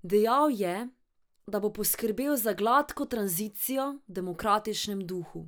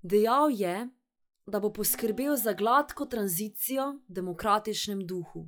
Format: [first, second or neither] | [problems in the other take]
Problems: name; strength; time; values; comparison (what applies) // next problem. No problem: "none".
first | noise reduction (classical method log-MMSE)